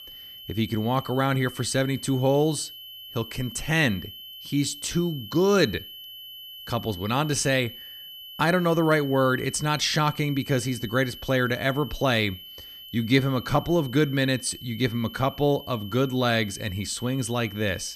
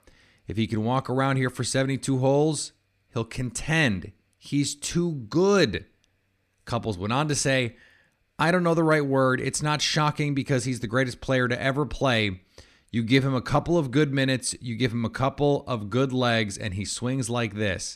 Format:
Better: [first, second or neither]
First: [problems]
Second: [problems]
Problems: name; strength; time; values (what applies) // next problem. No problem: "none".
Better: second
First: high-pitched whine; noticeable; throughout; 3 kHz, 15 dB below the speech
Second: none